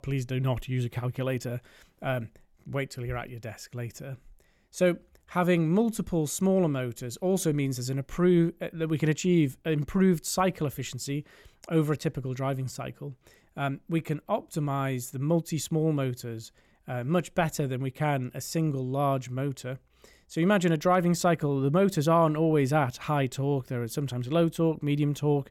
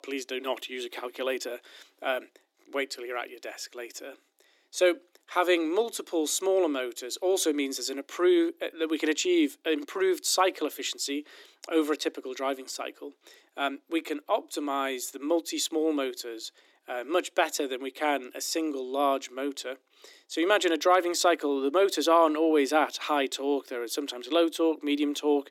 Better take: first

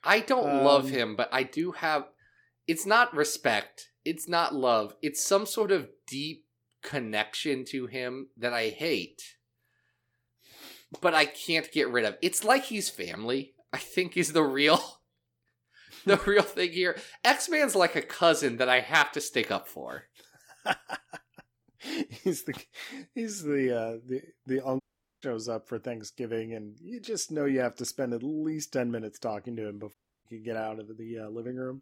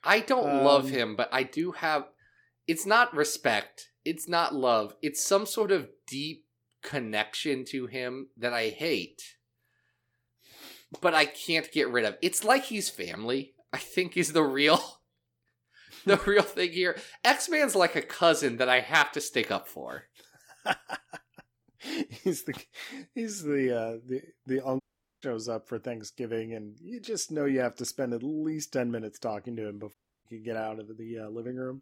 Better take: neither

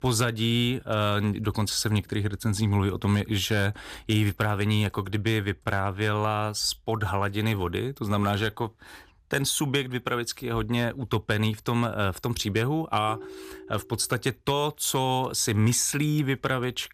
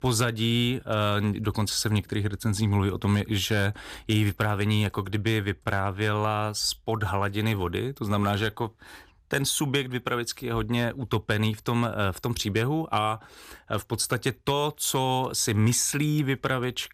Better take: second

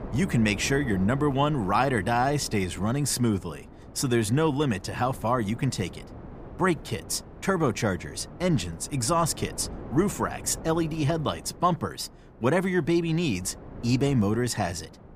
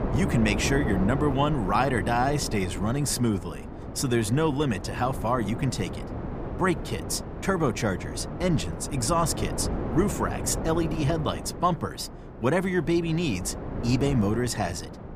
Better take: first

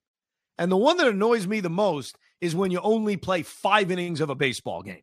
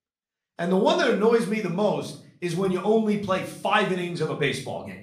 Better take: first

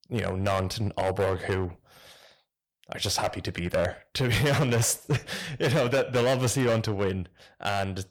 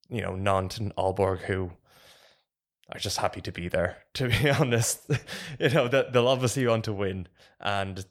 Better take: second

